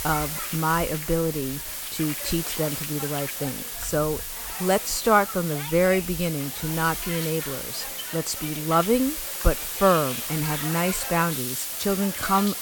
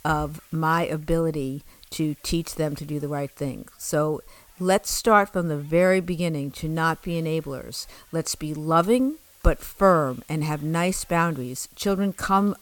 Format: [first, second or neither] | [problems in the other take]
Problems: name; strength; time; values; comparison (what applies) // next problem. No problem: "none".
second | hiss; loud; throughout; 4 dB below the speech; faint in the second